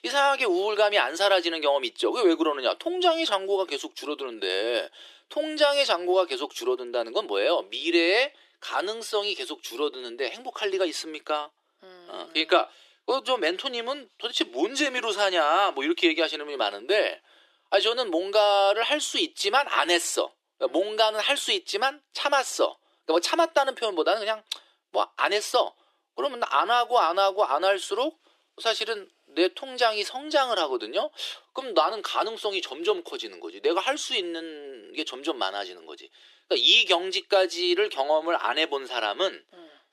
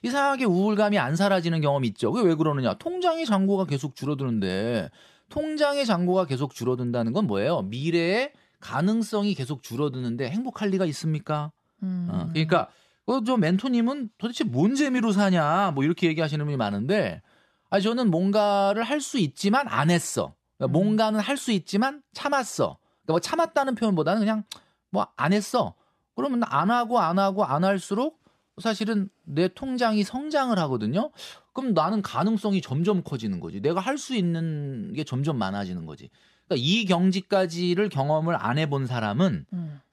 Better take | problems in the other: second | thin; very; fading below 350 Hz

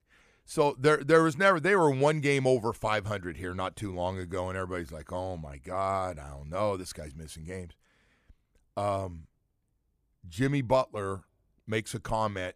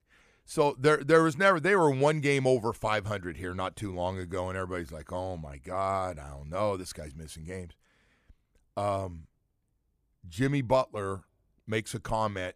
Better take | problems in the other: neither | none

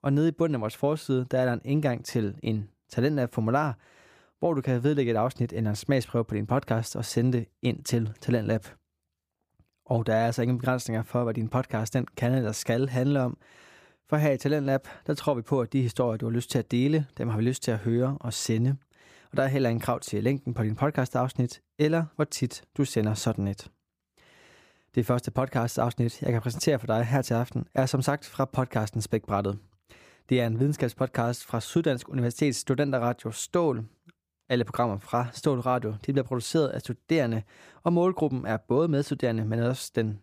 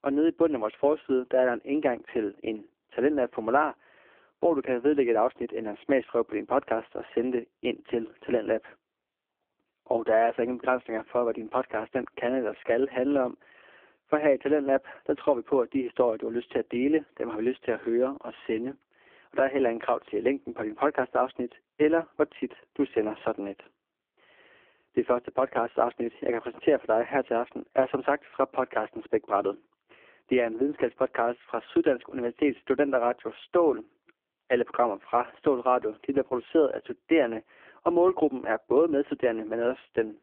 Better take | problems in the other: first | phone-call audio; poor line

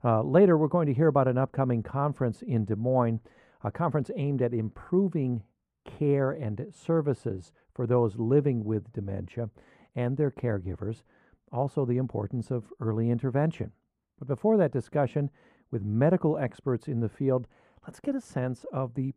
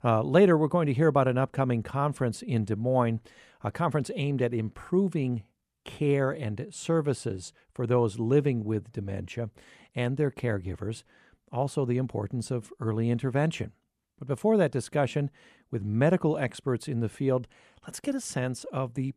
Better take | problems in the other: second | muffled; slightly; fading above 2 kHz

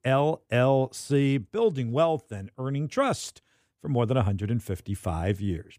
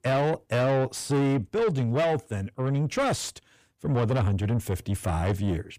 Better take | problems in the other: first | distortion; heavy; 8 dB below the speech

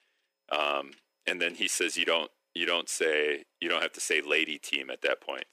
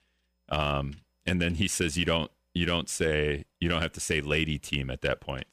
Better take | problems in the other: second | thin; very; fading below 300 Hz

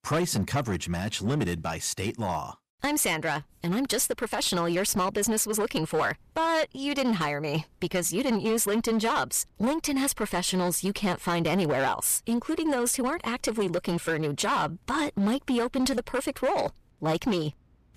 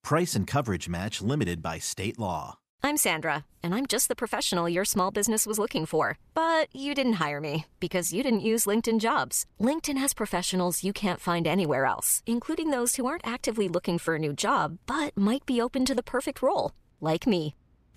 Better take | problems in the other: second | distortion; slight; 12% of the sound clipped

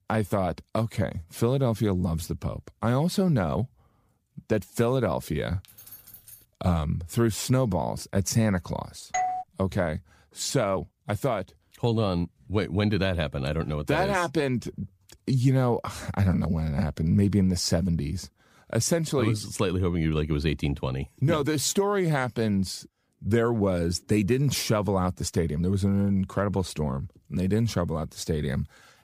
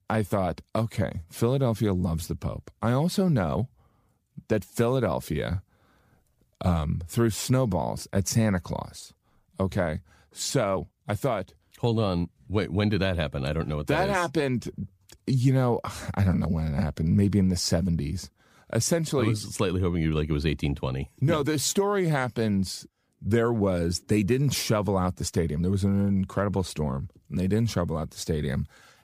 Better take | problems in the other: second | jangling keys; faint; at 5.5 s; peak 20 dB below the speech // doorbell; noticeable; at 9 s; peak 2 dB below the speech

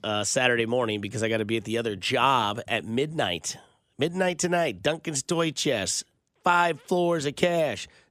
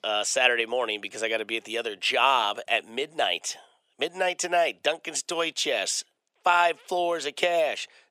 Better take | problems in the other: first | thin; very; fading below 550 Hz

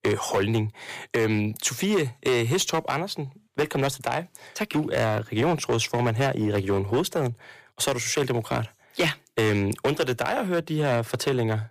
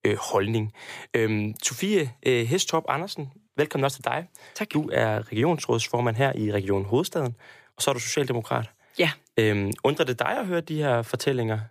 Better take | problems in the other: second | distortion; slight; 8% of the sound clipped

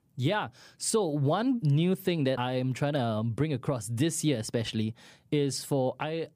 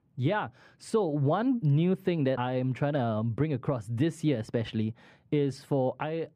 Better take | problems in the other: first | muffled; slightly; fading above 3.5 kHz

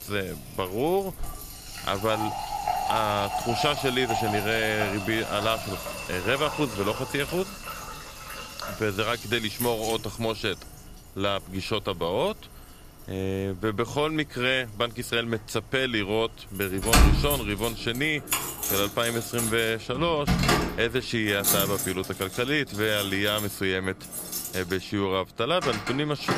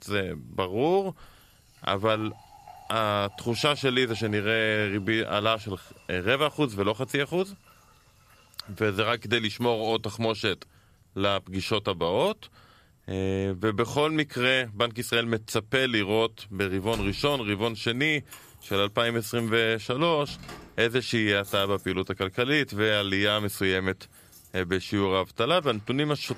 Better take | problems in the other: second | household noises; loud; throughout; 3 dB below the speech; faint in the second

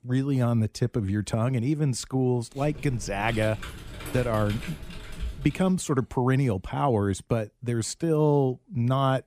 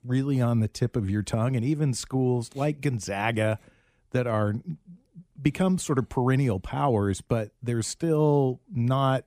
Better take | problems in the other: second | keyboard typing; faint; from 2.5 to 5.5 s; peak 10 dB below the speech

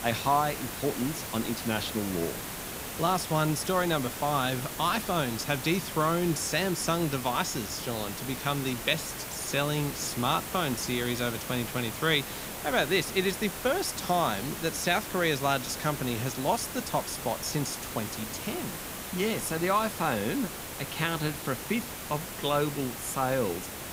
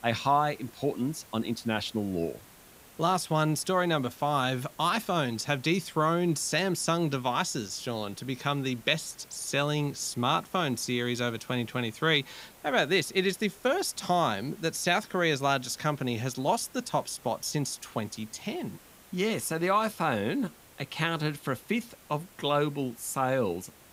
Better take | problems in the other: second | hiss; loud; throughout; 7 dB below the speech; faint in the second

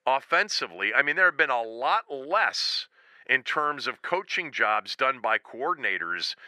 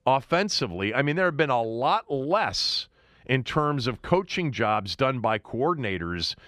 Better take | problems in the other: second | thin; very; fading below 500 Hz

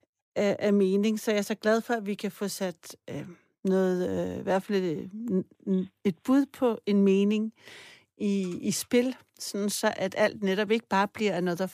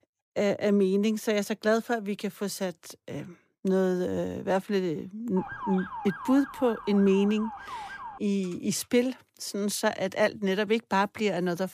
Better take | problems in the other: first | siren; noticeable; from 5.5 to 8 s; peak 8 dB below the speech

